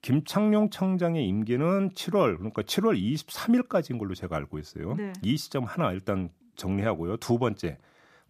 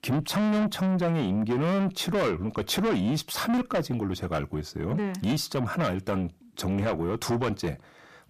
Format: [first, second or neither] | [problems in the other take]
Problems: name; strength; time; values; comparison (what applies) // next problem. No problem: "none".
first | distortion; heavy; 7 dB below the speech